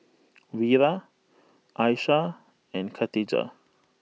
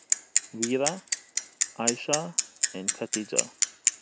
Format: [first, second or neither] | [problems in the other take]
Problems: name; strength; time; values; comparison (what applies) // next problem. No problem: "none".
first | background sound (Bicycle); 5 dB above the speech